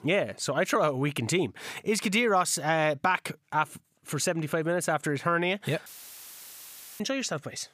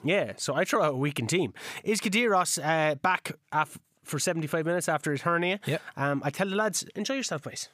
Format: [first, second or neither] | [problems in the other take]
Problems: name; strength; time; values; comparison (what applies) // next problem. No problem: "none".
second | audio cutting out; filled with static; at 6 s for 1 s